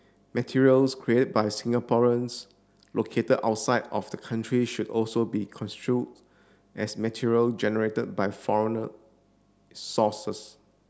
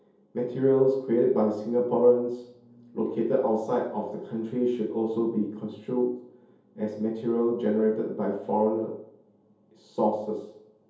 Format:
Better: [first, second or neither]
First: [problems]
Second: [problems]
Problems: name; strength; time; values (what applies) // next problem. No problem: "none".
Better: first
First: none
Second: room echo; dies away in 0.7 s